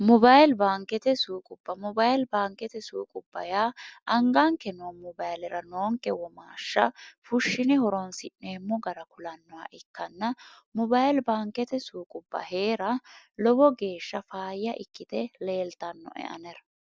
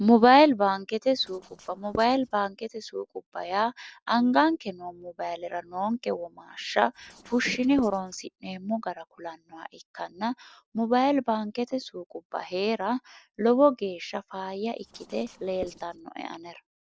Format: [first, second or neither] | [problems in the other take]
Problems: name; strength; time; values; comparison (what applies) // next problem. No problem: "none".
first | noise reduction (neural separator model SepFormer DNS4)